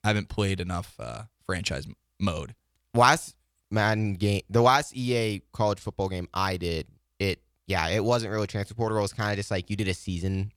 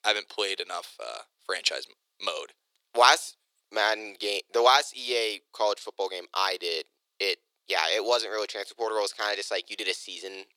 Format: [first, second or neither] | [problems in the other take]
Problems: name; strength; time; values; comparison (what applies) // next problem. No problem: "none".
first | thin; very; fading below 400 Hz